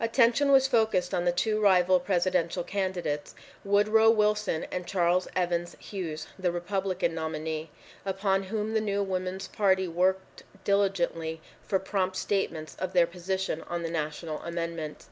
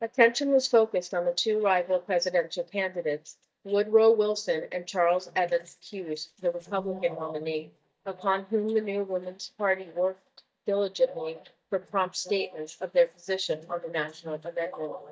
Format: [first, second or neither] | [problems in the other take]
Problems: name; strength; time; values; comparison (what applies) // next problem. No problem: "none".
first | noise reduction (neural mask model DeepFilterNet 3)